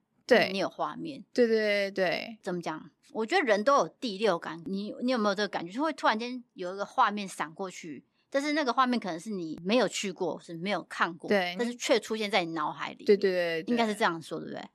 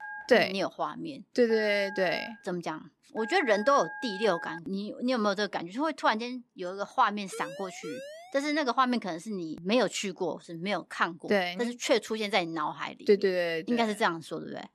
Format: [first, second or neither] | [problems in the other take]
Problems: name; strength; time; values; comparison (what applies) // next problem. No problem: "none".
first | phone ringing; noticeable; until 4.5 s; peak 10 dB below the speech // siren; faint; from 7.5 to 8.5 s; peak 10 dB below the speech